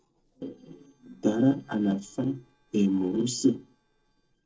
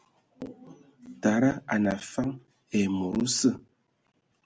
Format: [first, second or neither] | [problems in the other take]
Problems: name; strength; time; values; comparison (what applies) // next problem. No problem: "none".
second | noise reduction (neural separator model SepFormer DNS4)